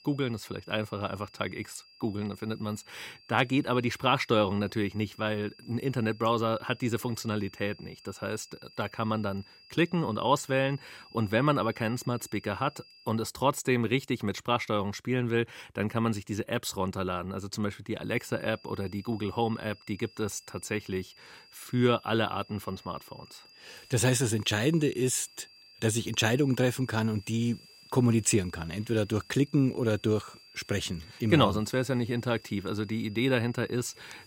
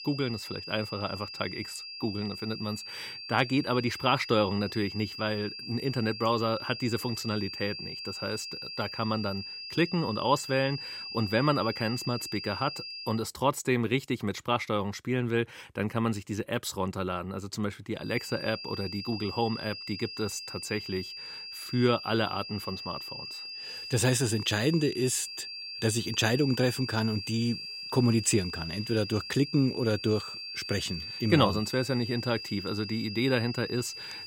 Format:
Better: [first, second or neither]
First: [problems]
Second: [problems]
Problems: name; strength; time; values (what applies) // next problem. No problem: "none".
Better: first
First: high-pitched whine; faint; until 13 s and from 18 s on; 5 kHz, 25 dB below the speech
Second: high-pitched whine; loud; until 13 s and from 18 s on; 5 kHz, 8 dB below the speech